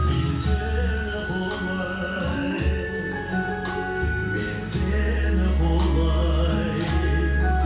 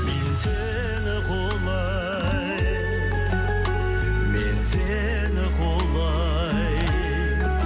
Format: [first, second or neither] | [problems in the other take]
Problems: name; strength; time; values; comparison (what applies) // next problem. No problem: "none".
second | room echo; dies away in 0.6 s